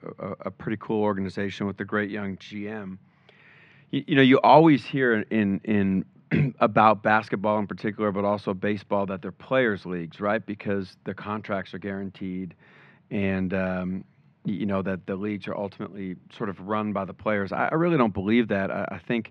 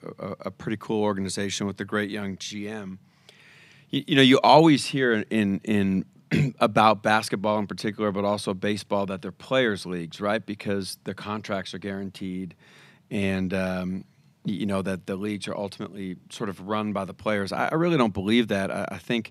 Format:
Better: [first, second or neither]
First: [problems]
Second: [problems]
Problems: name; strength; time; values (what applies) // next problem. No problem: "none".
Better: second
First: muffled; slightly; fading above 2 kHz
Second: none